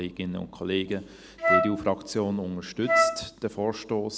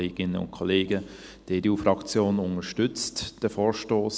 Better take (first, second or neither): second